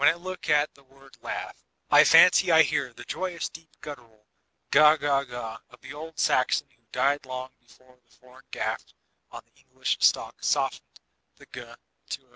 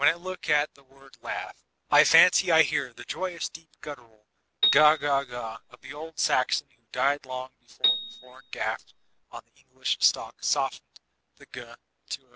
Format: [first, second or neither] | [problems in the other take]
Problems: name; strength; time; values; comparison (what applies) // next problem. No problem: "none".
first | background sound (Piano); 3 dB below the speech